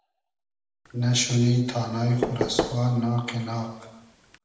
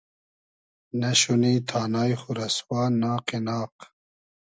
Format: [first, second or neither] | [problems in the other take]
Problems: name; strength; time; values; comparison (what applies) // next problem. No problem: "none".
second | background sound (Knock / Wood); 8 dB below the speech // room echo; dies away in 1 s